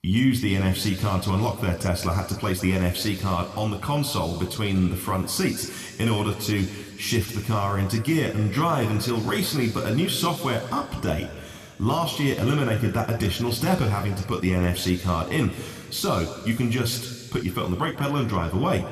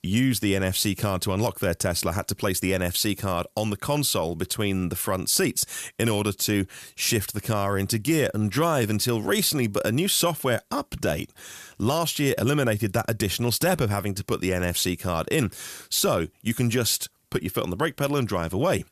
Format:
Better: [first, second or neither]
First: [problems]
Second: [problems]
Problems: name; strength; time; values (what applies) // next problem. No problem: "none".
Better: second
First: room echo; slight; dies away in 2 s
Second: none